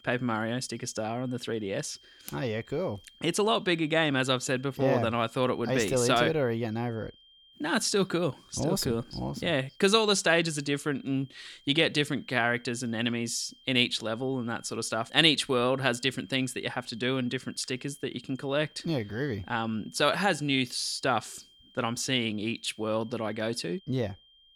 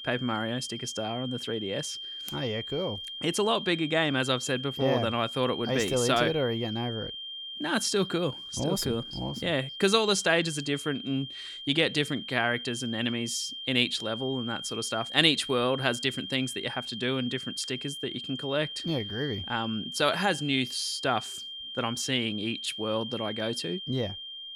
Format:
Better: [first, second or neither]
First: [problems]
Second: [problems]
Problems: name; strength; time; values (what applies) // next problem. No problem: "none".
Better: first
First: high-pitched whine; faint; throughout; 3 kHz, 30 dB below the speech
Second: high-pitched whine; loud; throughout; 3 kHz, 8 dB below the speech